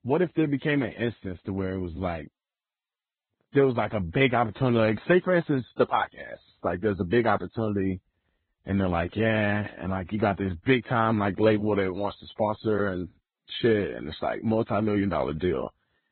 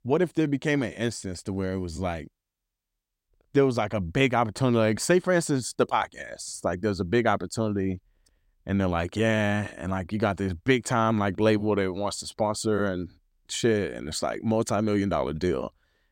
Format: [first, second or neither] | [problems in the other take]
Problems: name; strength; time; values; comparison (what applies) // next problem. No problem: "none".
second | garbled, watery; badly; nothing above 4 kHz